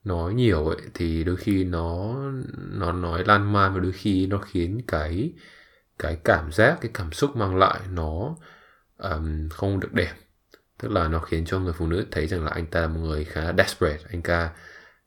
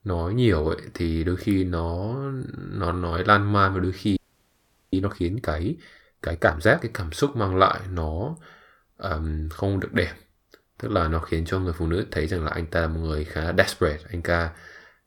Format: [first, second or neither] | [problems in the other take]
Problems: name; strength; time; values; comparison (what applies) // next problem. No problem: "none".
first | audio freezing; at 4 s for 1 s